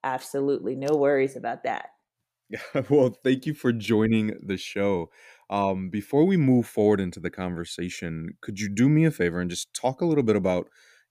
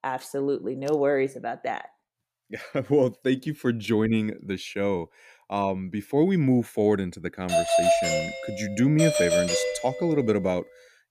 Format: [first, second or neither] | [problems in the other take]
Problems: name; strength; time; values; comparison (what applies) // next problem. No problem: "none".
first | doorbell; loud; from 7.5 to 10 s; peak 6 dB above the speech